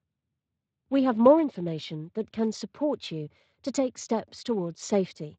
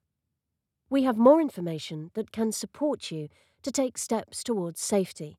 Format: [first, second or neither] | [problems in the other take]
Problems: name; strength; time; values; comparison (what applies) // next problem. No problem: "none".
second | garbled, watery; slightly; nothing above 7.5 kHz